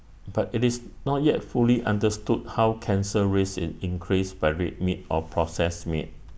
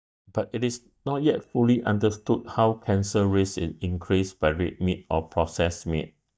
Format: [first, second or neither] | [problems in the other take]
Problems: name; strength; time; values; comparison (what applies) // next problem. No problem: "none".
first | noise reduction (neural mask model DeepFilterNet 3)